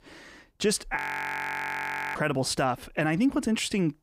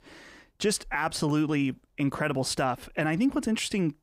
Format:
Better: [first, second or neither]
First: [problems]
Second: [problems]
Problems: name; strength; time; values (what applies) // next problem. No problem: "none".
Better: second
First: audio freezing; at 1 s for 1 s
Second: none